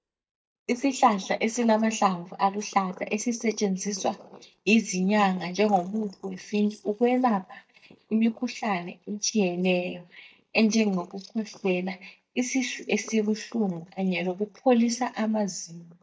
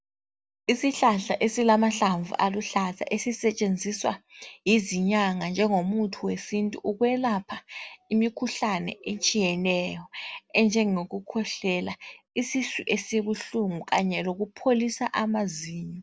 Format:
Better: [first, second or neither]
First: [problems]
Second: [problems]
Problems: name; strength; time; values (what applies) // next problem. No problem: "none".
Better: second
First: noise reduction (neural mask model DeepFilterNet 3)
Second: none